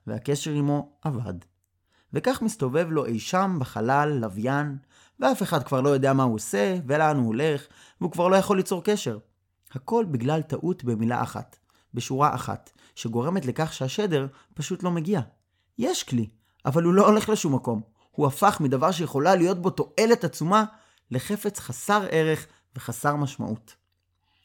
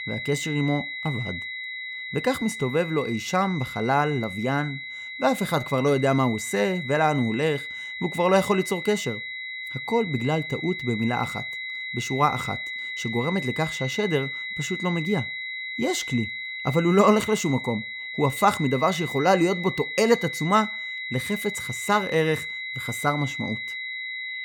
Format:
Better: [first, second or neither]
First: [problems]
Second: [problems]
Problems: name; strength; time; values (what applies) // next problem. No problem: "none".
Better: first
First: none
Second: high-pitched whine; loud; throughout; 2 kHz, 6 dB below the speech